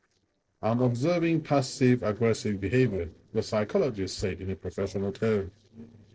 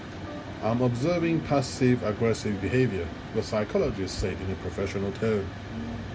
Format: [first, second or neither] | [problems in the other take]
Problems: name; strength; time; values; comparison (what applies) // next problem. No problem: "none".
second | noise reduction (neural separator model SepFormer DNS4)